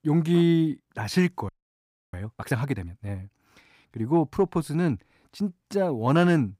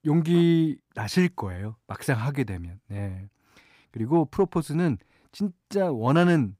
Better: second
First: audio freezing; at 1.5 s for 0.5 s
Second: none

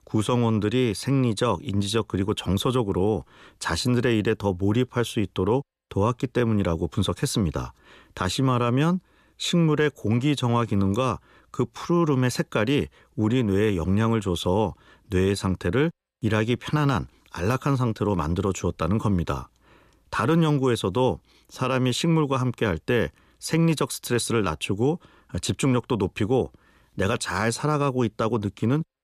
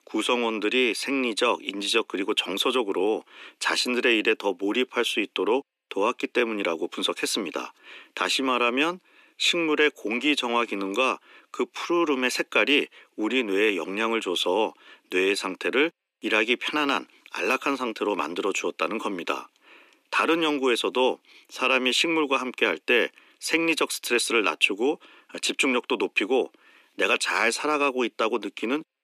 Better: first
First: none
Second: thin; somewhat; fading below 250 Hz

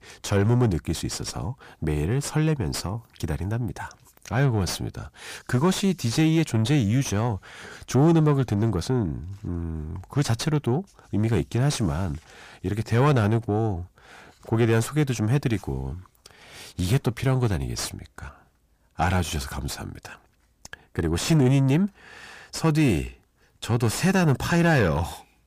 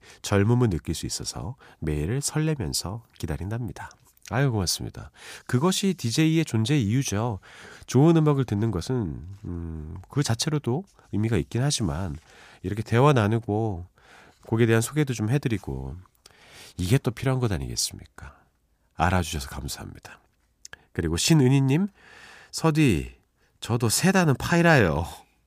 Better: second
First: distortion; slight; 10 dB below the speech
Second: none

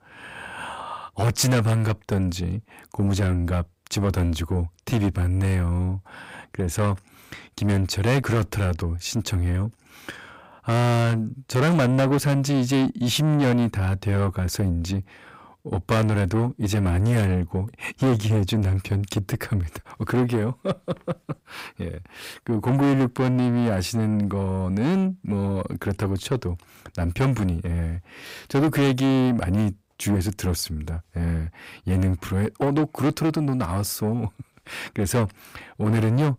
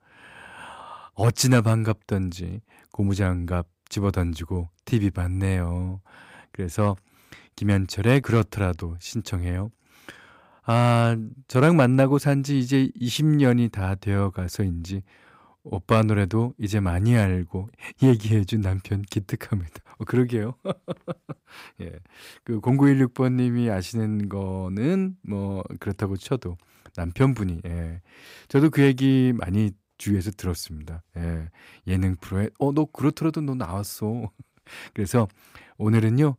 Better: second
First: distortion; heavy; 7 dB below the speech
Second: none

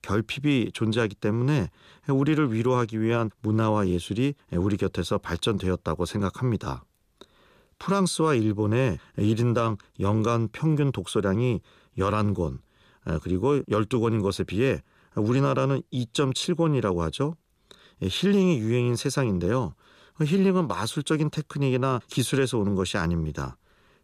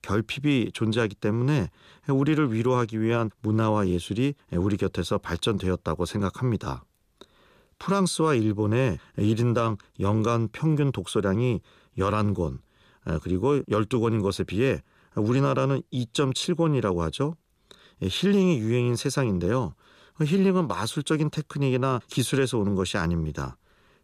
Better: neither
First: none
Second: none

